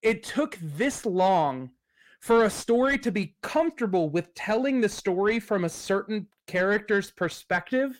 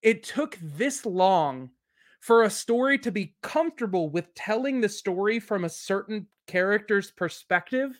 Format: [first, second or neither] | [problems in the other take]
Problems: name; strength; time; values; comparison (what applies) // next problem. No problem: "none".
second | distortion; slight; 10 dB below the speech